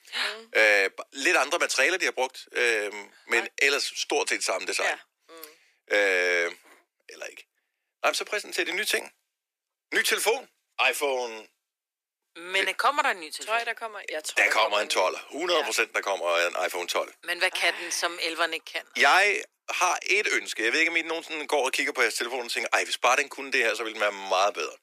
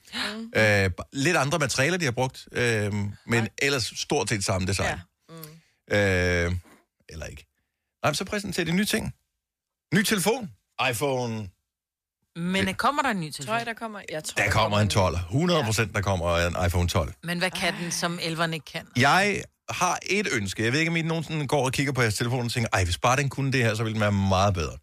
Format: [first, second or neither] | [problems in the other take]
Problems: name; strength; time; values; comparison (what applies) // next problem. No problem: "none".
second | thin; very; fading below 350 Hz